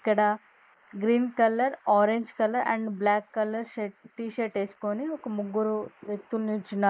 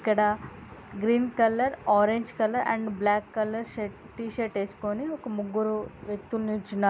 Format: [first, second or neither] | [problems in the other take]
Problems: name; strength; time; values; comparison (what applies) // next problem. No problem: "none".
second | noise reduction (neural mask model Resemble Enhance denoiser)